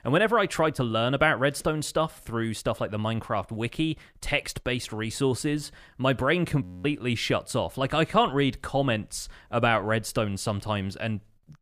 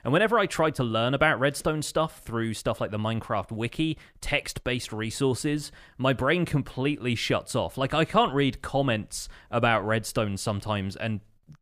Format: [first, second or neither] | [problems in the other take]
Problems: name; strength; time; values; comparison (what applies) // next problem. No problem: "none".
second | audio freezing; at 6.5 s